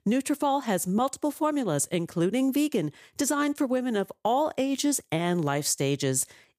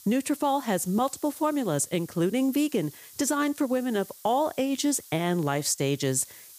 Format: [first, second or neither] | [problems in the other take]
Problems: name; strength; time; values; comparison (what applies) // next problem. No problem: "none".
first | hiss; noticeable; throughout; 20 dB below the speech